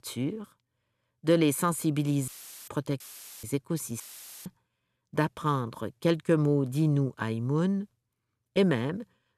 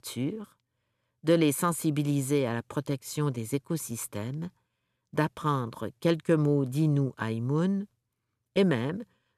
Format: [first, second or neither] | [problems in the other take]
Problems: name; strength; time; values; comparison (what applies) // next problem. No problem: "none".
second | audio cutting out; filled with static; at 2.5 s, at 3 s and at 4 s